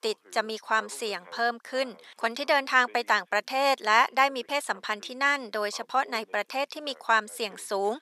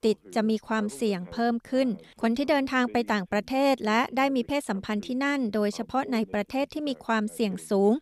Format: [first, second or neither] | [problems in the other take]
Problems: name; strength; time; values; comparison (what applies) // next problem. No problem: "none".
second | thin; very; fading below 650 Hz